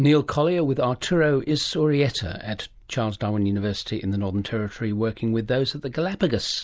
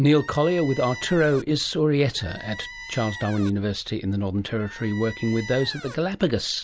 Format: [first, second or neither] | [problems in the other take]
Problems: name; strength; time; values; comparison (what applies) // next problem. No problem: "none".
first | background sound (Squeak); 15 dB below the speech